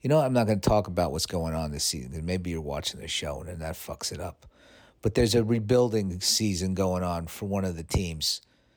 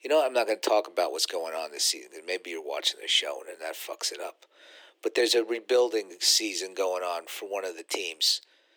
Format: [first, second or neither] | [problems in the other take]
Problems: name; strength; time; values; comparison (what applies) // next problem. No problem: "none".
first | thin; very; fading below 350 Hz